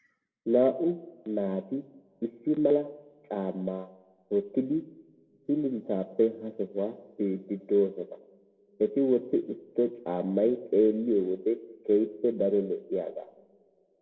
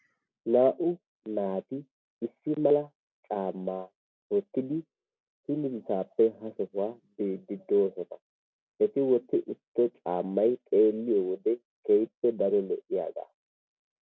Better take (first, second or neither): second